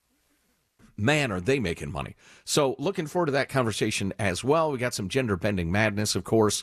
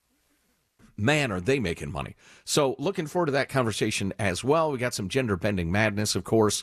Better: neither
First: none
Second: none

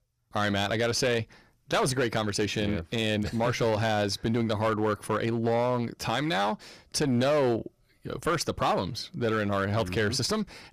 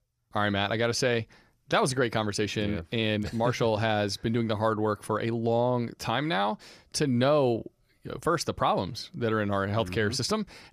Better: second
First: distortion; slight; 10% of the sound clipped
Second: none

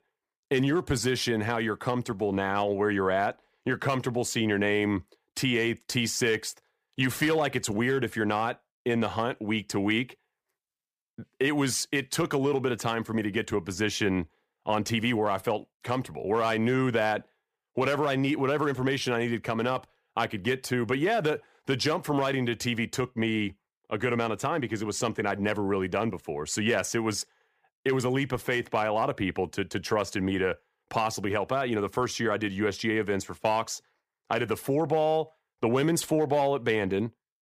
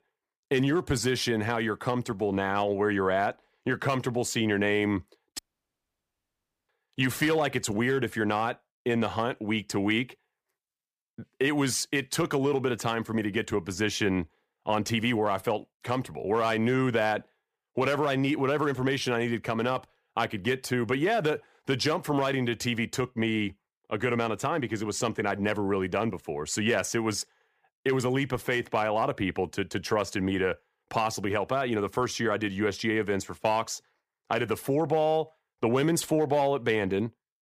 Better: first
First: none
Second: audio cutting out; at 5.5 s for 1.5 s

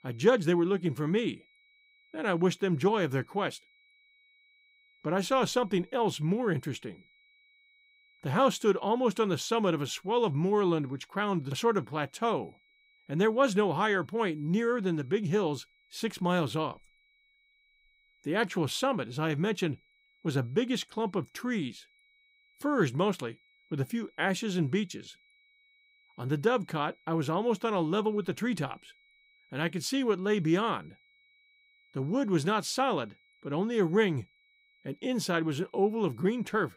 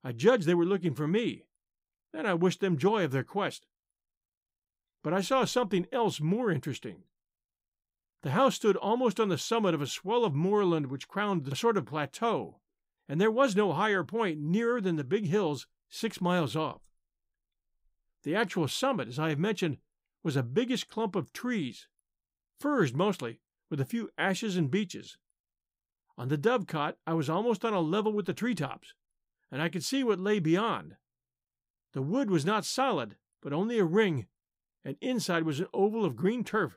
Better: second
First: high-pitched whine; faint; throughout; 2.5 kHz, 35 dB below the speech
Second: none

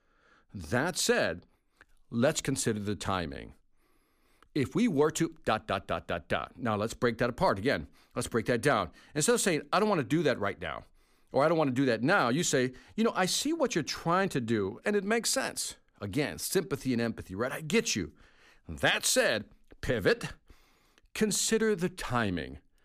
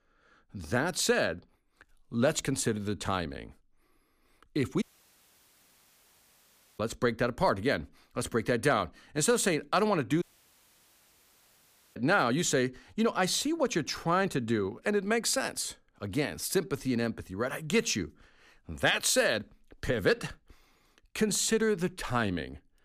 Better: first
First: none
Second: audio cutting out; at 5 s for 2 s and at 10 s for 1.5 s

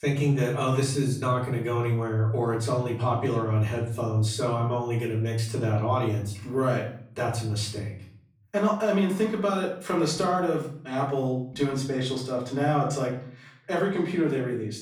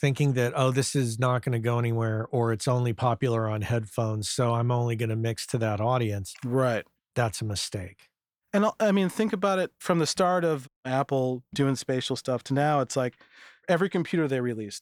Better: second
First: room echo; slight; dies away in 0.5 s // off-mic speech; far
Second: none

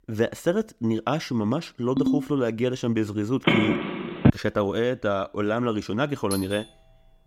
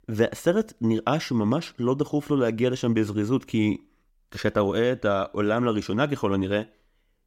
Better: second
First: phone ringing; loud; at 2 s and at 3.5 s; peak 5 dB above the speech // doorbell; noticeable; at 6.5 s; peak 8 dB below the speech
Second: none

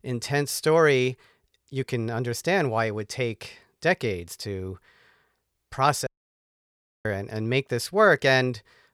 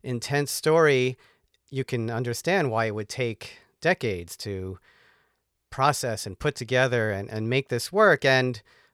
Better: second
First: audio cutting out; at 6 s for 1 s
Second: none

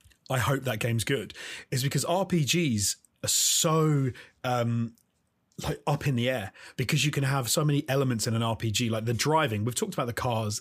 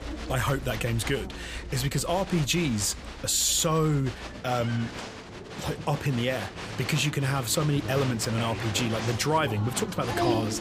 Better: first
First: none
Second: crowd noise; loud; throughout; 8 dB below the speech

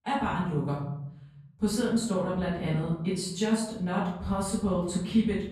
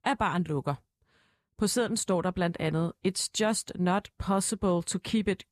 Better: second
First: off-mic speech; far // room echo; noticeable; dies away in 1 s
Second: none

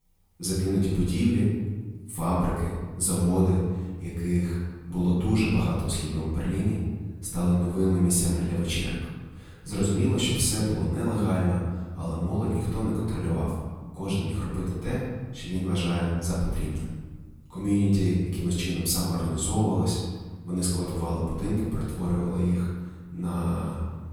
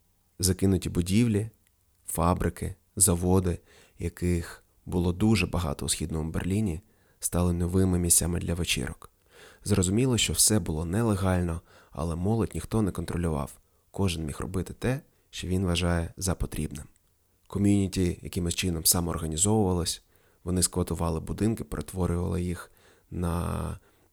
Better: second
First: room echo; noticeable; dies away in 1.3 s // off-mic speech; far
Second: none

